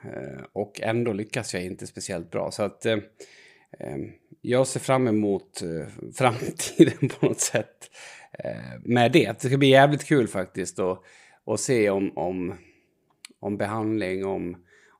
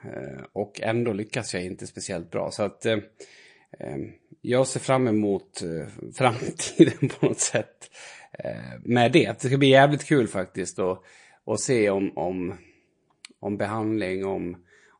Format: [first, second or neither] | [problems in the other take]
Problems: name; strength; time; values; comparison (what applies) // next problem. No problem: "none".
first | garbled, watery; slightly; nothing above 9 kHz